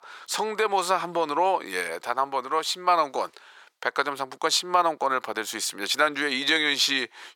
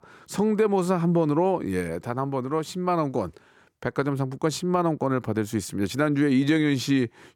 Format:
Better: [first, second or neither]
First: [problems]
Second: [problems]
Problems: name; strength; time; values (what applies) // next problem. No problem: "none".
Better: second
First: thin; very; fading below 850 Hz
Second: none